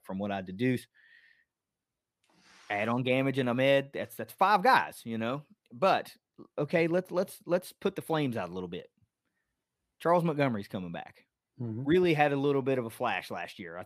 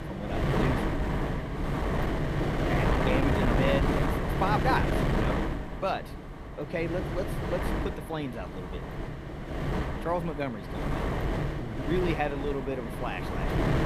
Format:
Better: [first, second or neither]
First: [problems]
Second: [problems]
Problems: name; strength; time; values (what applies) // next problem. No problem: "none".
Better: first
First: none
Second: wind noise on the microphone; heavy; as loud as the speech